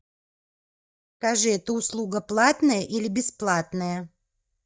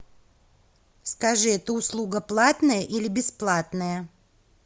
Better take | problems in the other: second | noise reduction (neural mask model DeepFilterNet 3)

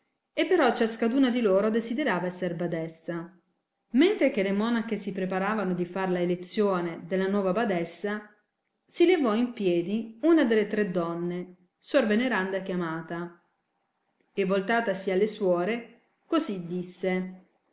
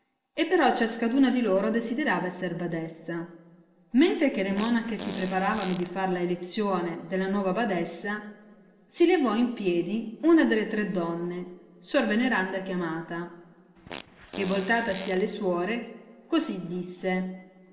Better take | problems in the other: first | background sound (Fart); 16 dB below the speech // room echo; dies away in 2.7 s

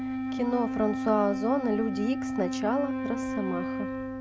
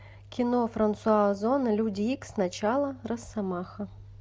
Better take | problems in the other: second | background sound (Wind instrument, woodwind instrument); 2 dB below the speech

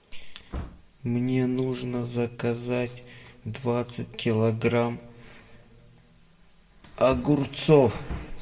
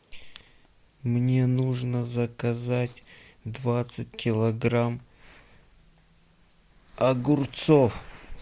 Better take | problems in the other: second | background sound (Wood); 18 dB below the speech // room echo; dies away in 0.9 s

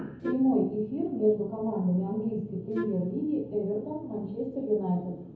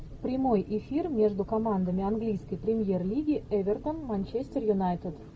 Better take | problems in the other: second | background sound (Wind instrument, woodwind instrument); 9 dB below the speech // room echo; dies away in 0.7 s

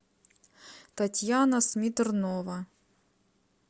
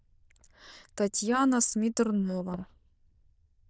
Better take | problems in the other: first | noise reduction (neural diffusion model UNIVERSE++)

